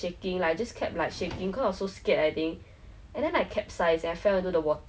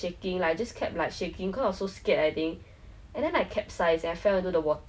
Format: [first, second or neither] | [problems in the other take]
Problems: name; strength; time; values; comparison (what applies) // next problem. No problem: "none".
second | background sound (Drawer open or close); 18 dB below the speech